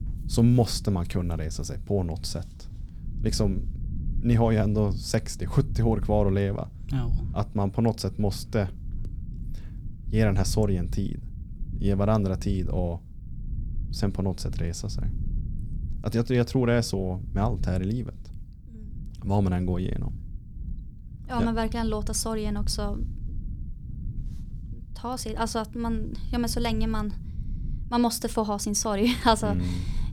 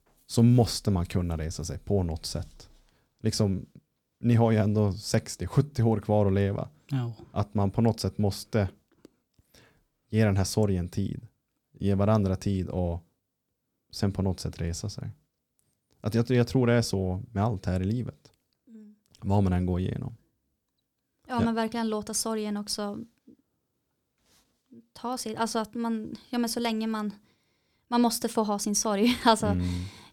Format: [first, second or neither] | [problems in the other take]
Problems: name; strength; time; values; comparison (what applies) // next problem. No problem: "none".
second | low rumble; faint; throughout; 20 dB below the speech